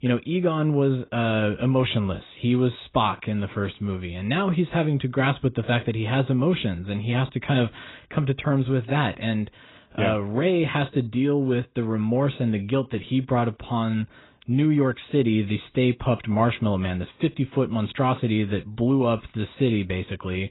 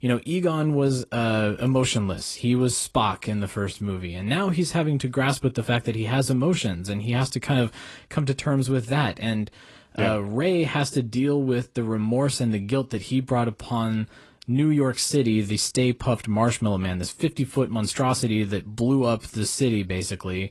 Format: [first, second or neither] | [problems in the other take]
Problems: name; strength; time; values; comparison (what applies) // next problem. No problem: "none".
second | garbled, watery; badly; nothing above 4 kHz; slightly in the second